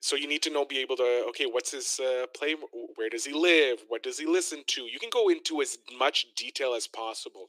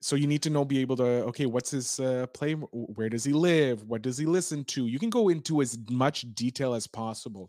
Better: second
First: thin; very; fading below 300 Hz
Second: none

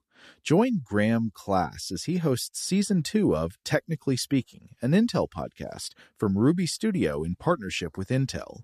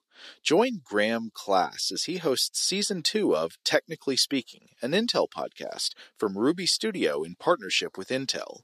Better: first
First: none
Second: thin; somewhat; fading below 400 Hz

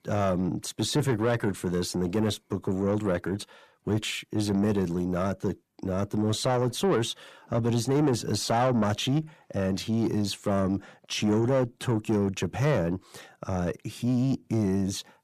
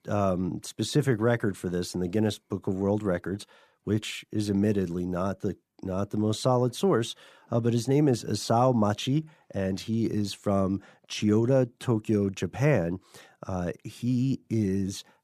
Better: second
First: distortion; slight; 10 dB below the speech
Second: none

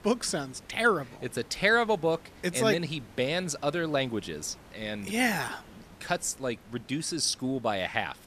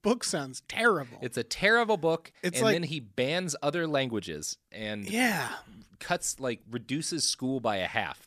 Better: second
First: hiss; faint; throughout; 25 dB below the speech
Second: none

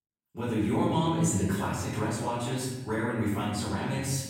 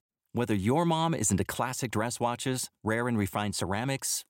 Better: second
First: room echo; strong; dies away in 1.6 s // off-mic speech; far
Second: none

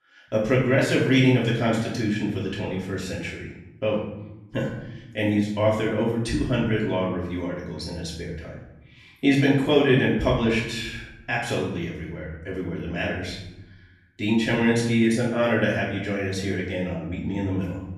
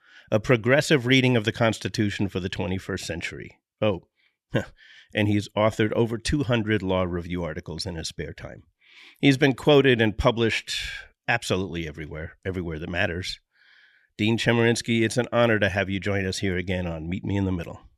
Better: second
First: room echo; noticeable; dies away in 0.9 s // off-mic speech; far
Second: none

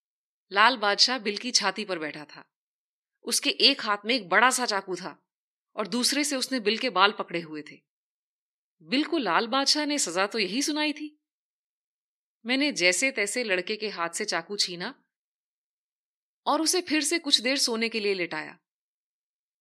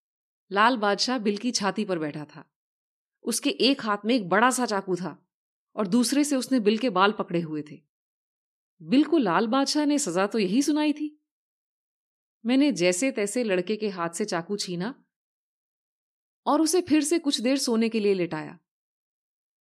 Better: second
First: thin; very slightly; fading below 1 kHz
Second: none

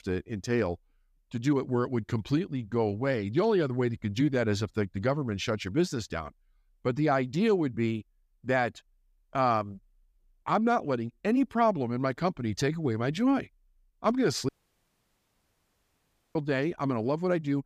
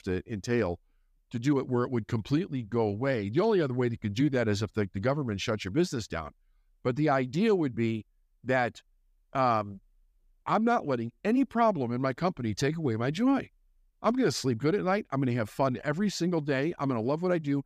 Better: second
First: audio cutting out; at 14 s for 2 s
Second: none

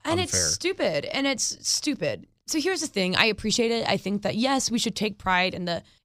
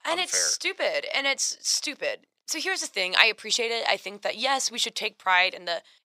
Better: first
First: none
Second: thin; very; fading below 650 Hz

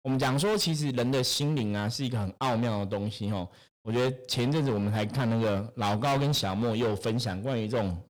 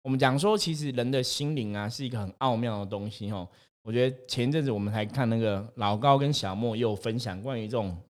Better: second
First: distortion; heavy; 18% of the sound clipped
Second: none

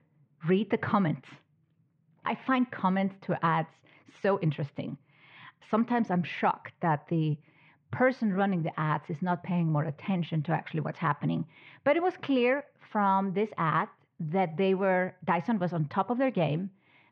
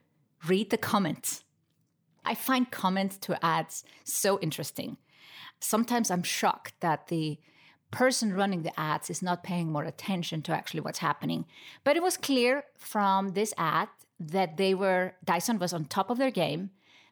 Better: second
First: muffled; very; fading above 2.5 kHz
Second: none

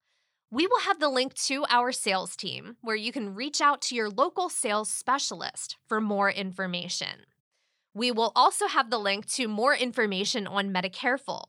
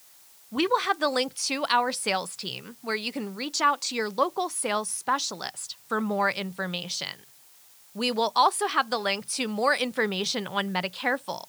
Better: first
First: none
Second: hiss; faint; throughout; 25 dB below the speech

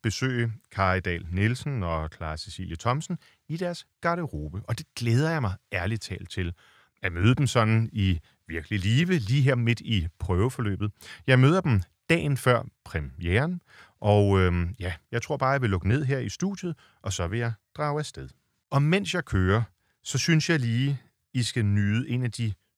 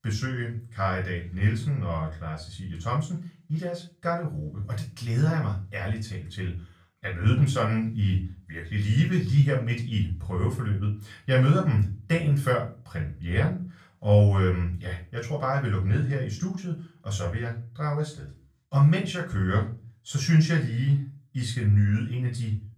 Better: first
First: none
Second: off-mic speech; far // room echo; slight; dies away in 0.3 s

